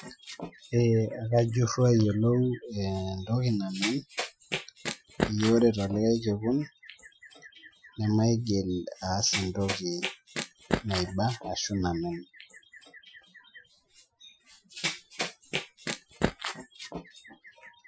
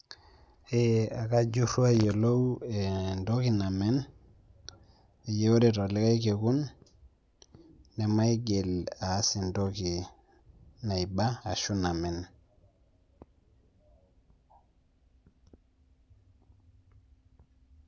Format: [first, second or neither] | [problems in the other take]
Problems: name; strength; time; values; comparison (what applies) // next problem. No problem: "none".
second | noise reduction (classical method Wiener filter)